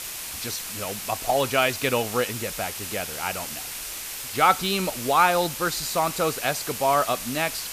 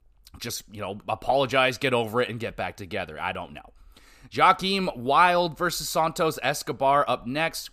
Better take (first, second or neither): second